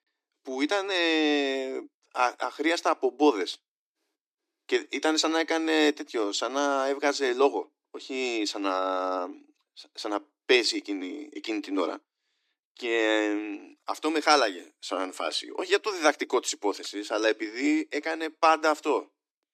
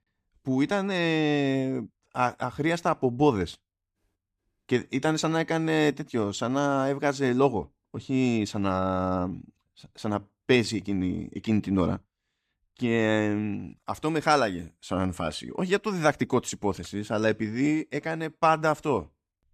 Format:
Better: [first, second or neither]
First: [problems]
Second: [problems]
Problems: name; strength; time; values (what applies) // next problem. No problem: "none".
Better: second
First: thin; somewhat; fading below 300 Hz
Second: none